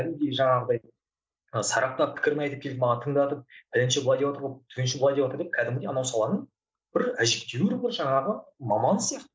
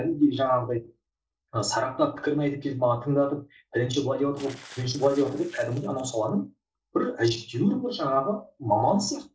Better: first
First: none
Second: noise reduction (neural separator model SepFormer DNS4)

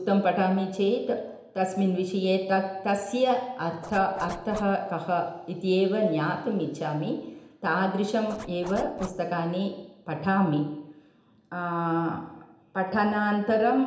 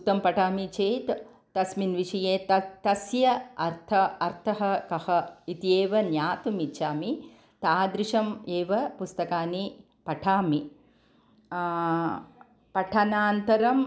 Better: second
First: background sound (Zipper (clothing)); 15 dB below the speech // room echo; dies away in 0.8 s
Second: none

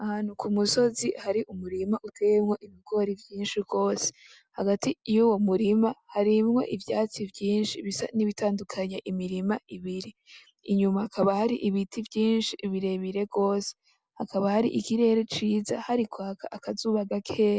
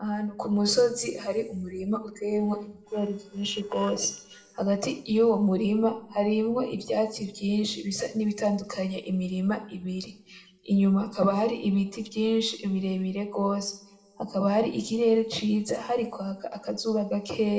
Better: first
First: none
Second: noise reduction (neural separator model SepFormer DNS4)

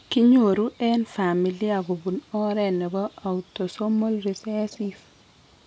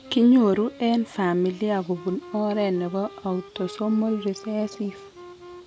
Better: first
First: none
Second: background sound (Wind instrument, woodwind instrument); 19 dB below the speech

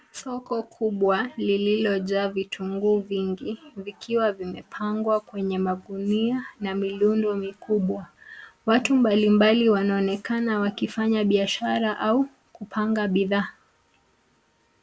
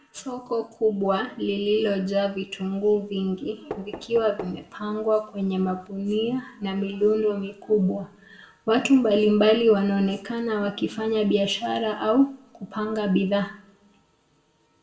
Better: first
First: none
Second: background sound (Knock); 18 dB below the speech // room echo; dies away in 0.5 s

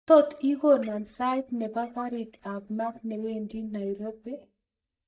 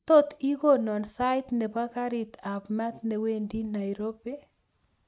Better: second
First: noise reduction (neural mask model DeepFilterNet 3)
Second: none

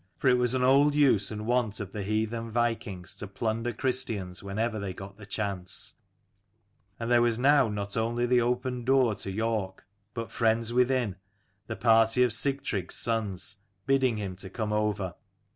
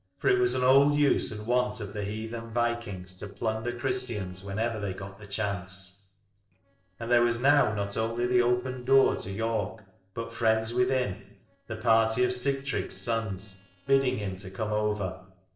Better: first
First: none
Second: noise reduction (neural separator model SepFormer DNS4)

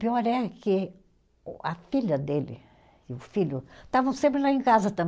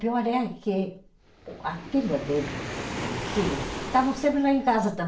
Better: first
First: none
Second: background sound (Waves, surf); 10 dB below the speech // room echo; dies away in 0.4 s

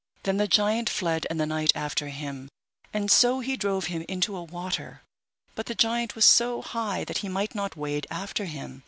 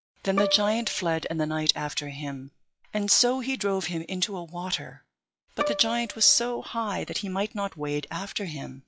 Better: first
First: none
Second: noise reduction (classical method log-MMSE)

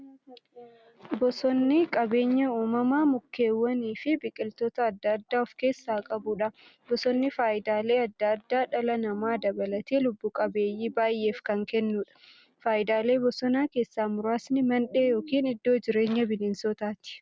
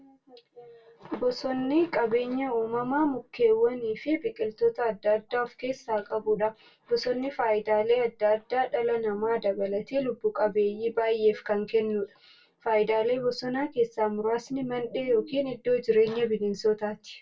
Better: first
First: none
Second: room echo; dies away in 0.1 s

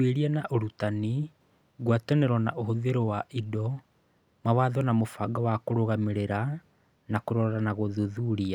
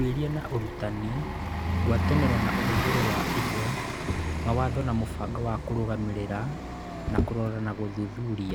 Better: first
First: none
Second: background sound (Motor vehicle (road) + Bus); as loud as the speech

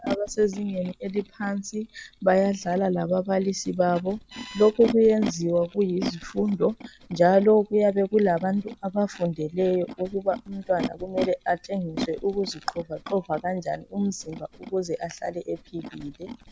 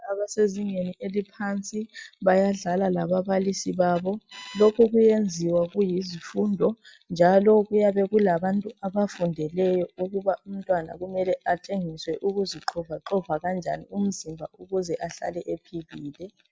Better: second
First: background sound (Animal); 14 dB below the speech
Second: none

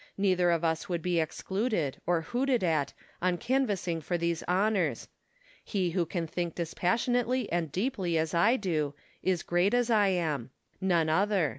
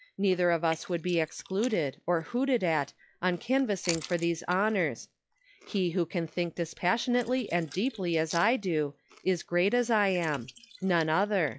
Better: first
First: none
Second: noise reduction (classical method log-MMSE)

